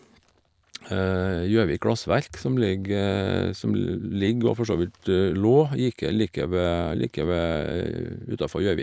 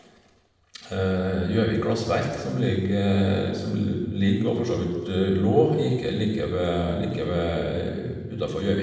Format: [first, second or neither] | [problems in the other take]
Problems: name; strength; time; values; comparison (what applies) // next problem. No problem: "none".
first | room echo; dies away in 1.2 s